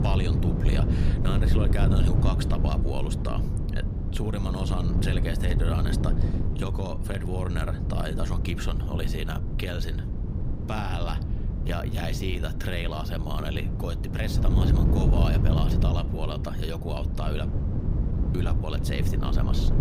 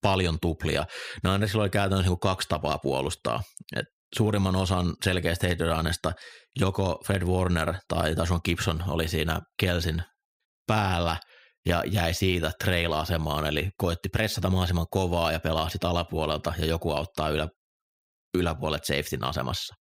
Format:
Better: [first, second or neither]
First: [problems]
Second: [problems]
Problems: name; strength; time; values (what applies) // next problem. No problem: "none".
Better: second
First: wind noise on the microphone; heavy; 3 dB below the speech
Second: none